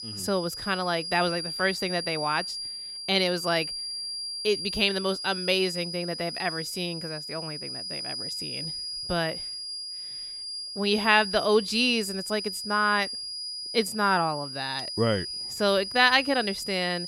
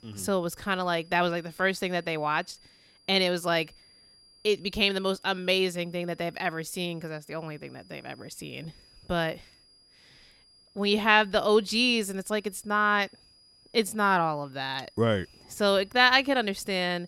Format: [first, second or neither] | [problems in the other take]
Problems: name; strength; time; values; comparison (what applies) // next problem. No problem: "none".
second | high-pitched whine; loud; throughout; 5 kHz, 6 dB below the speech; faint in the second